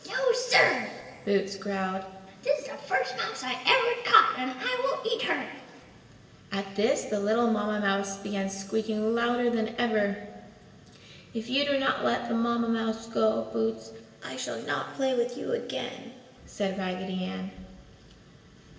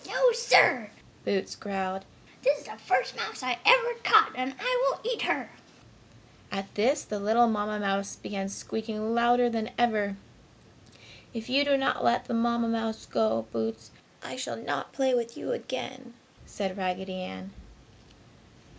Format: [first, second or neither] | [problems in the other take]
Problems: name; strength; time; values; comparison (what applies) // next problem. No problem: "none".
second | room echo; dies away in 2.4 s